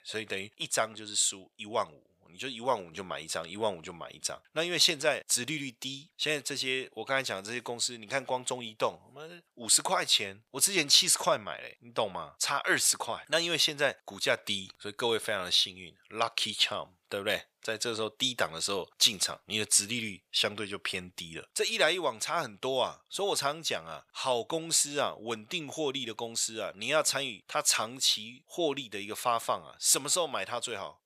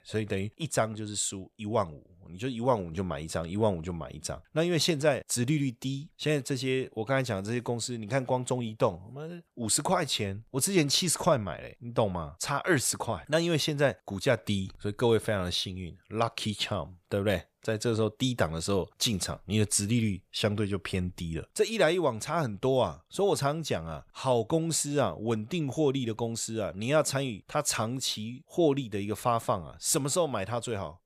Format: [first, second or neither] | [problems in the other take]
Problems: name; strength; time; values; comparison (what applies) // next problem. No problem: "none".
second | thin; somewhat; fading below 1 kHz